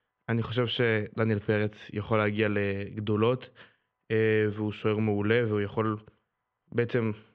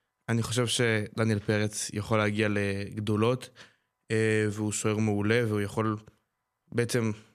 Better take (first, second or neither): second